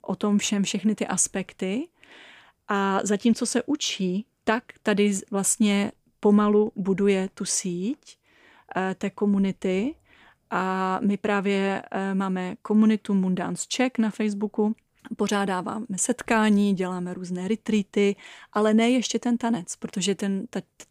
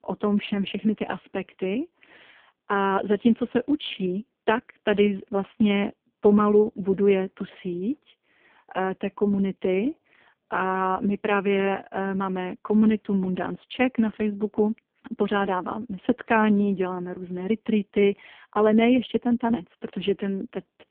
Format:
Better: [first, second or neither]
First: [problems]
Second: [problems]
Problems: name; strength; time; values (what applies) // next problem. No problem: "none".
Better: first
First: none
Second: phone-call audio; poor line